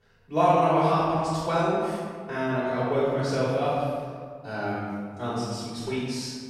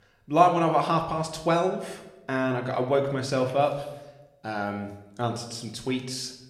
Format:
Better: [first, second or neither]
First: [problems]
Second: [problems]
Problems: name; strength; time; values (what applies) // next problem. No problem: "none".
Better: second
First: room echo; strong; dies away in 1.6 s // off-mic speech; far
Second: room echo; slight; dies away in 0.7 s